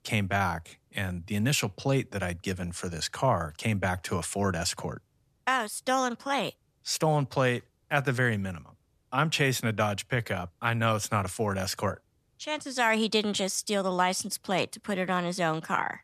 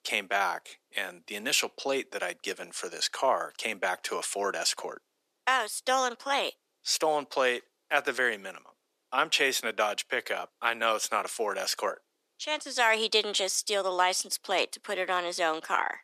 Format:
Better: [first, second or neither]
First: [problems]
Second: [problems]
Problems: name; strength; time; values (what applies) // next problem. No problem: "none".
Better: first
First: none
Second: thin; very; fading below 350 Hz